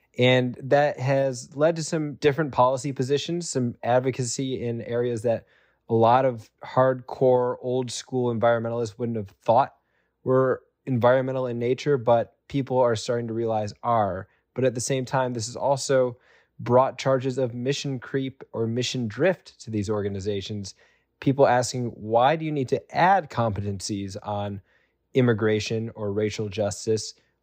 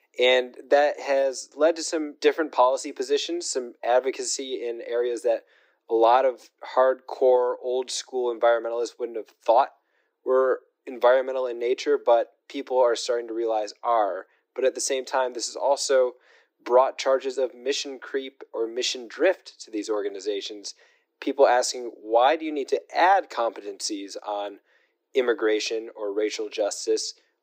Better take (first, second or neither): first